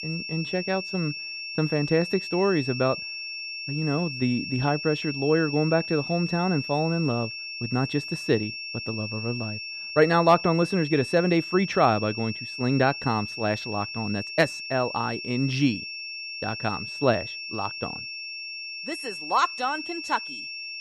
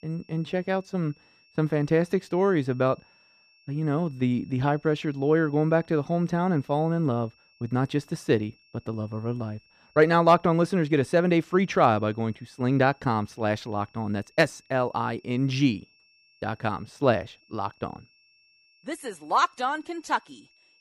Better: second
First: high-pitched whine; loud; throughout; 2.5 kHz, 7 dB below the speech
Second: high-pitched whine; faint; throughout; 2.5 kHz, 35 dB below the speech

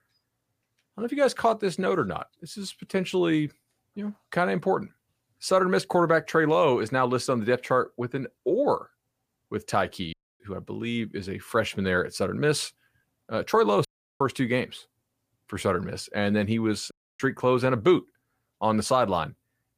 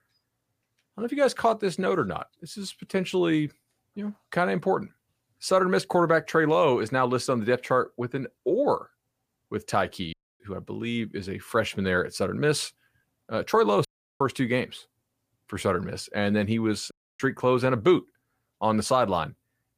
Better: neither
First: audio cutting out; at 10 s, at 14 s and at 17 s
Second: audio cutting out; at 10 s, at 14 s and at 17 s

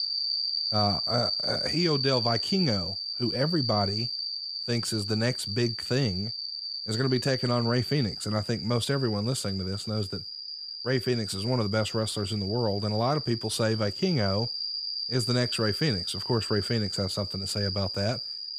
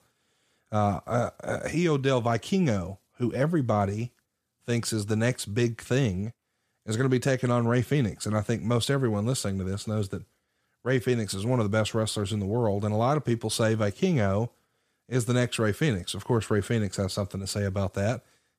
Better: second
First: animal sounds; loud; throughout; 2 dB below the speech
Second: none

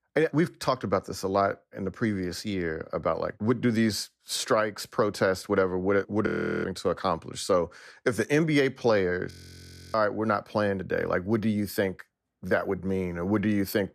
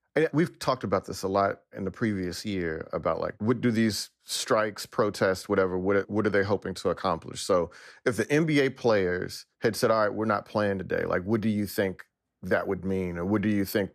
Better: second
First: audio freezing; at 6.5 s and at 9.5 s for 0.5 s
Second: none

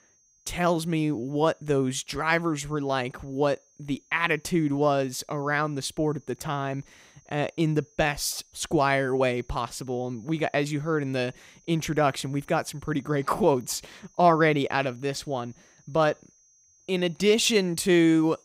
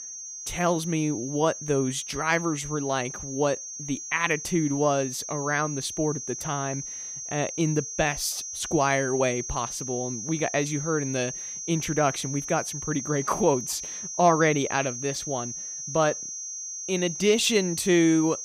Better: first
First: high-pitched whine; faint; throughout; 6.5 kHz, 30 dB below the speech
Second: high-pitched whine; loud; throughout; 6.5 kHz, 7 dB below the speech

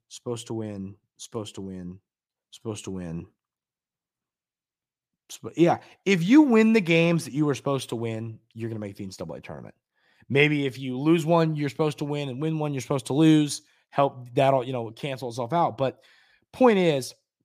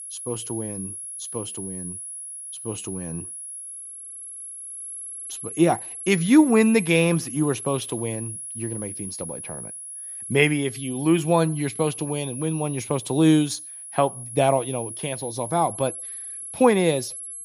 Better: first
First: none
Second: high-pitched whine; noticeable; throughout; 11 kHz, 10 dB below the speech

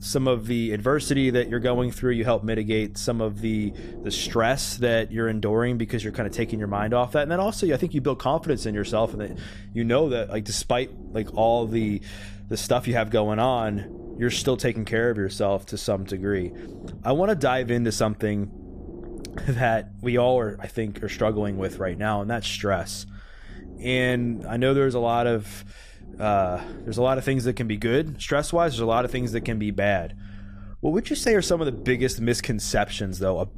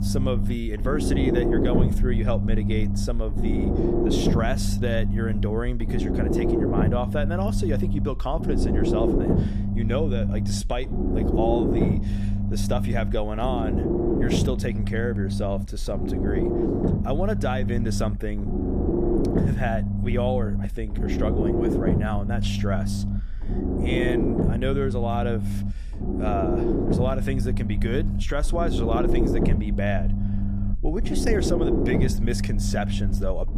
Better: first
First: low rumble; faint; throughout; 20 dB below the speech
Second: low rumble; loud; throughout; 1 dB below the speech

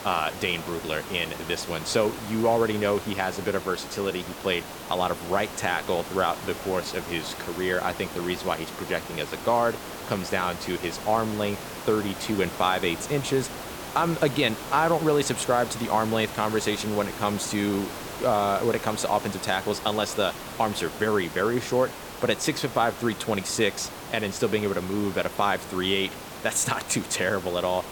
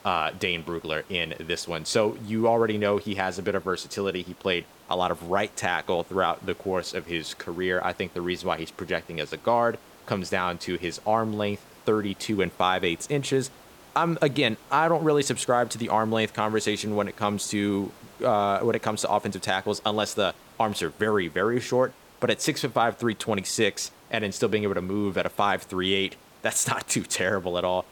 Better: second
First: hiss; loud; throughout; 10 dB below the speech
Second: hiss; faint; throughout; 25 dB below the speech

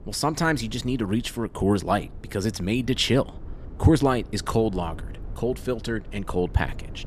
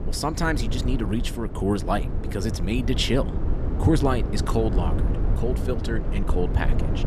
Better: first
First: low rumble; faint; throughout; 25 dB below the speech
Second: low rumble; loud; throughout; 8 dB below the speech

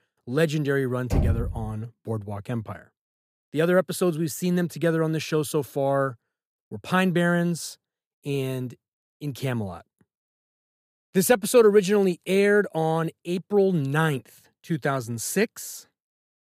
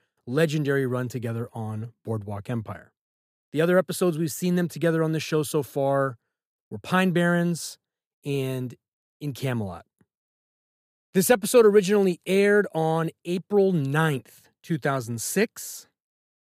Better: second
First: door banging; noticeable; at 1 s; peak 1 dB below the speech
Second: none

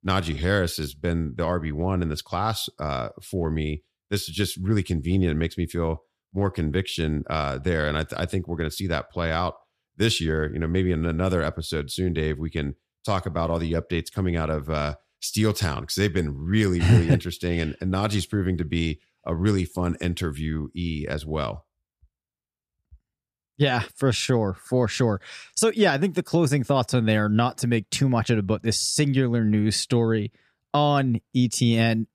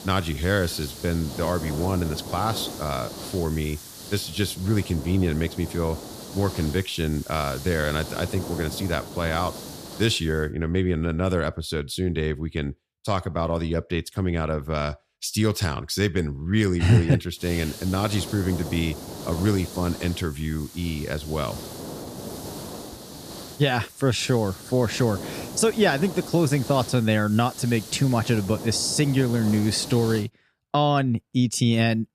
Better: first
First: none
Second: hiss; noticeable; until 10 s and from 17 to 30 s; 10 dB below the speech

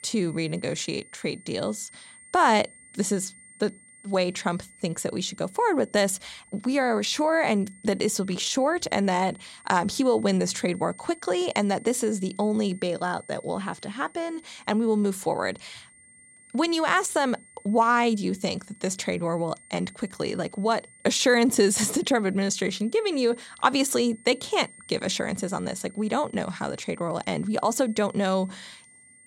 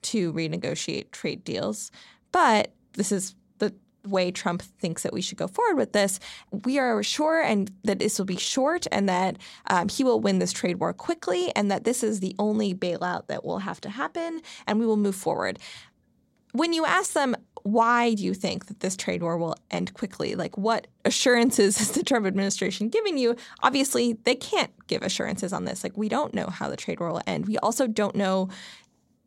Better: second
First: high-pitched whine; faint; throughout; 2 kHz, 25 dB below the speech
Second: none

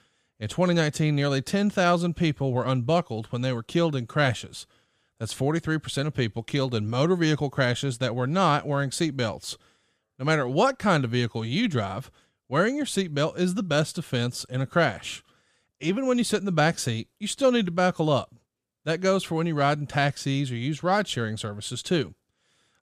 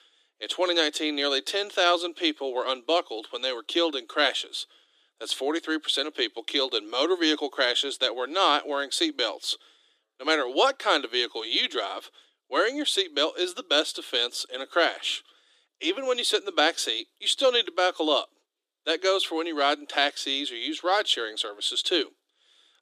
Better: first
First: none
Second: thin; very; fading below 300 Hz

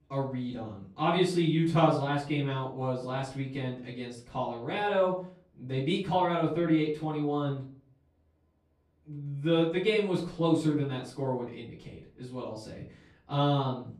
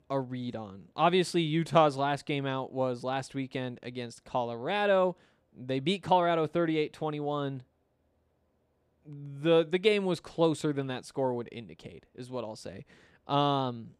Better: second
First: off-mic speech; far // room echo; slight; dies away in 0.4 s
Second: none

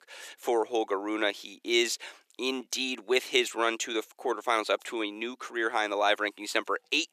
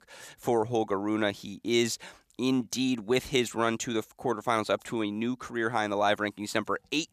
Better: second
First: thin; somewhat; fading below 350 Hz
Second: none

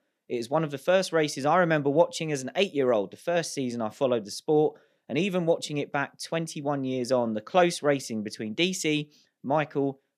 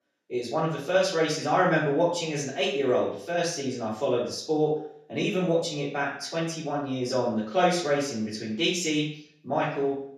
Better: first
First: none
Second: room echo; noticeable; dies away in 0.5 s // off-mic speech; far

